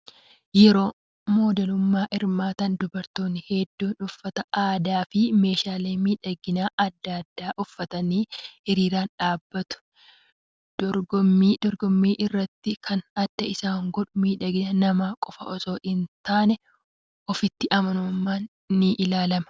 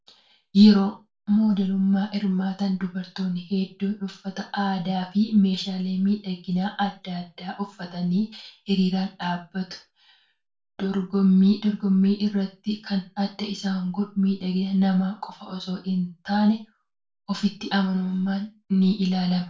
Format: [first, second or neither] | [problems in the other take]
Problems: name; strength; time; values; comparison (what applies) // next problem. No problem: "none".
first | room echo; dies away in 0.3 s